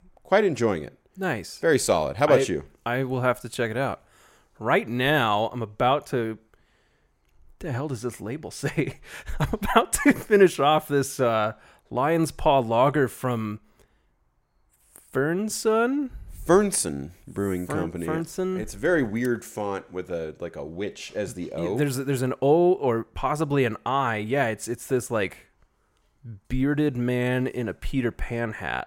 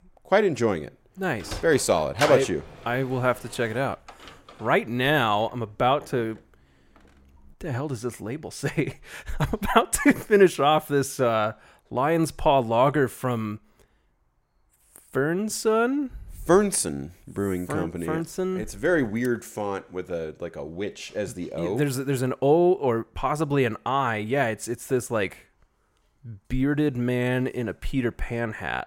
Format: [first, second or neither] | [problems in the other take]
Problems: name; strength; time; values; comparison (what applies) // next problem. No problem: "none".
first | door banging; noticeable; from 1.5 to 4.5 s; peak 4 dB below the speech